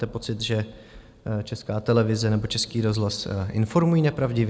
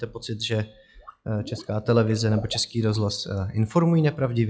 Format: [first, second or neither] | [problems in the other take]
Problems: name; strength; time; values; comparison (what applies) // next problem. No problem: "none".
first | noise reduction (classical method log-MMSE)